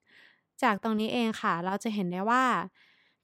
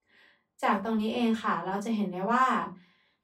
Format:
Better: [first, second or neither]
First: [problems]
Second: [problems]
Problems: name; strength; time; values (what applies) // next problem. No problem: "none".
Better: first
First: none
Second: off-mic speech; far // room echo; very slight; dies away in 0.2 s